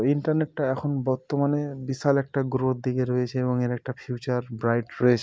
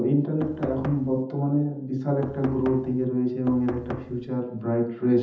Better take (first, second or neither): first